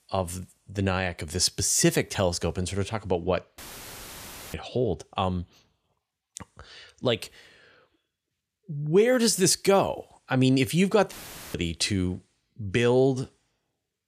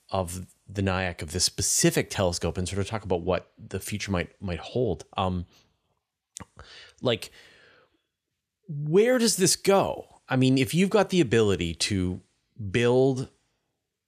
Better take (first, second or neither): second